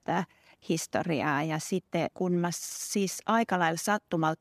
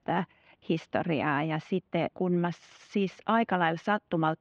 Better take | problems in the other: first | muffled; very; fading above 3 kHz

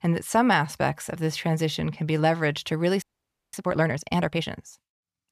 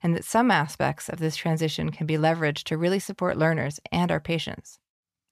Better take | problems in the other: second | audio freezing; at 3 s for 0.5 s

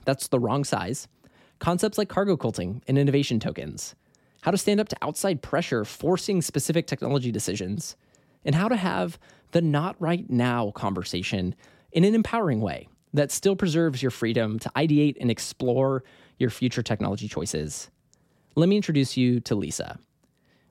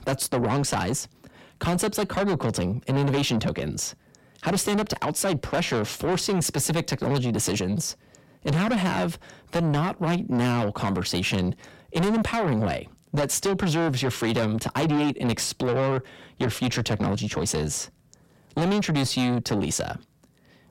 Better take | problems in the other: first | distortion; heavy; 6 dB below the speech

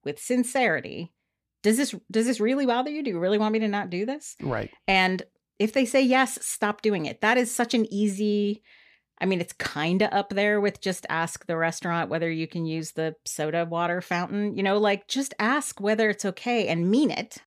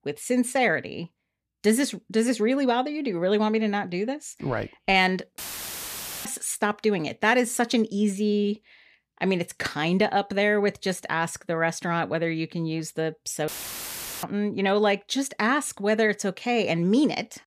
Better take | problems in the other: first | audio cutting out; filled with static; at 5.5 s for 1 s and at 13 s for 1 s

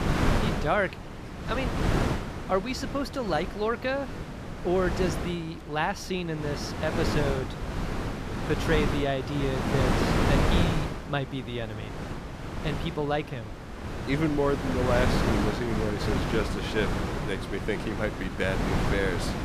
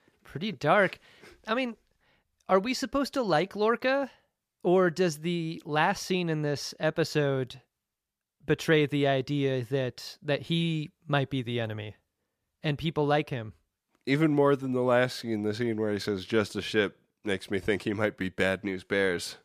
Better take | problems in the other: second | wind noise on the microphone; heavy; 2 dB below the speech

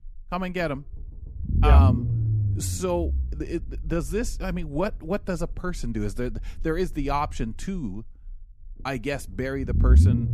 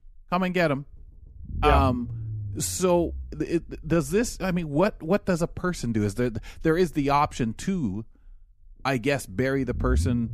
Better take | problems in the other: second | low rumble; loud; throughout; 7 dB below the speech; faint in the second

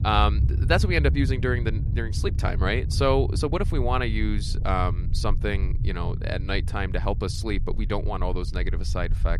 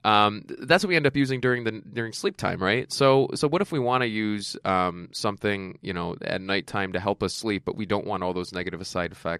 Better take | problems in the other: second | low rumble; noticeable; throughout; 15 dB below the speech

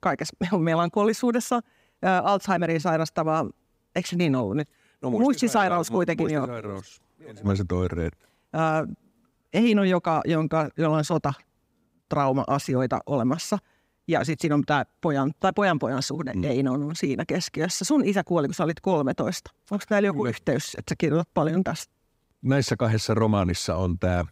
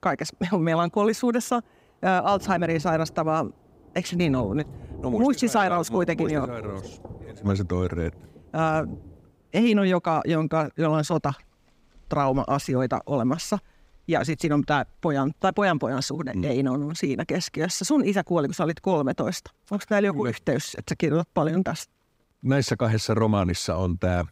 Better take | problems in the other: first | rain or running water; noticeable; throughout; 20 dB below the speech

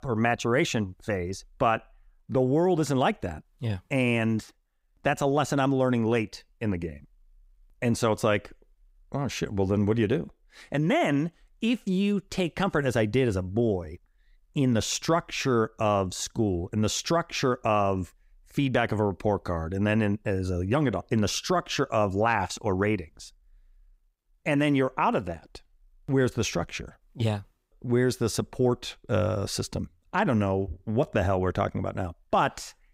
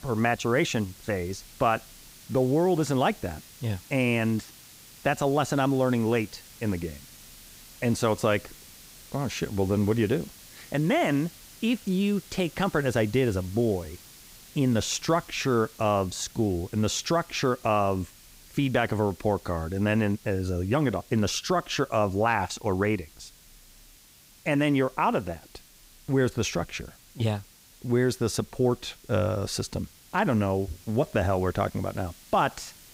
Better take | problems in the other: first | hiss; faint; throughout; 20 dB below the speech

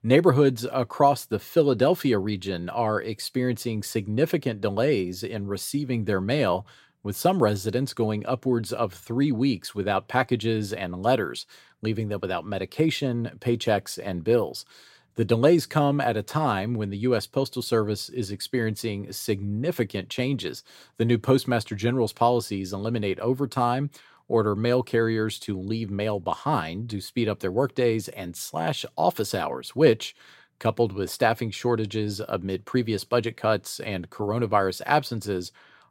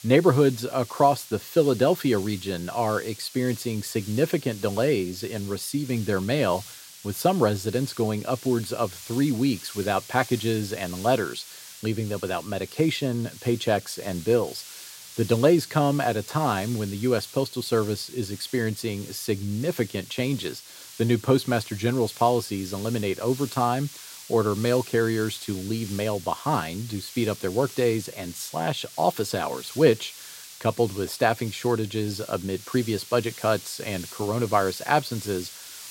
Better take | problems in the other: first | hiss; noticeable; throughout; 15 dB below the speech

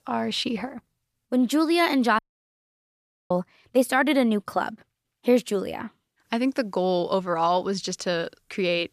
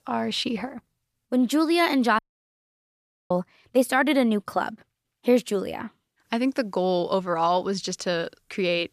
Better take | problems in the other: neither | audio cutting out; at 2 s for 1 s; the same in both

